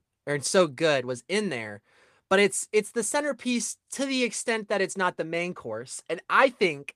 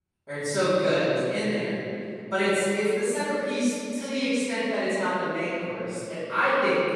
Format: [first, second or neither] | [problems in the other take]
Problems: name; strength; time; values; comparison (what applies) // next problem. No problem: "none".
first | off-mic speech; far // room echo; strong; dies away in 2.4 s